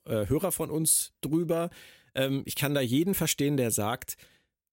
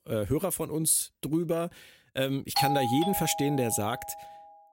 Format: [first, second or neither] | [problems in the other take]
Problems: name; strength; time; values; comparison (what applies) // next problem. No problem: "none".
first | doorbell; loud; from 2.5 to 4 s; peak 1 dB above the speech